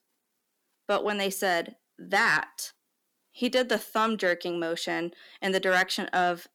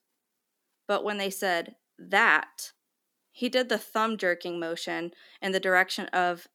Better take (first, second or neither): second